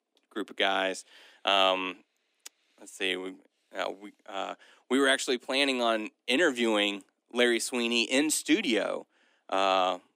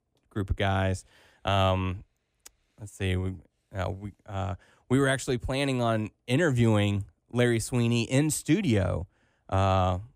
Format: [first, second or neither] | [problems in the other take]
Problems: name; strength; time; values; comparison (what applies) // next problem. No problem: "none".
second | thin; somewhat; fading below 250 Hz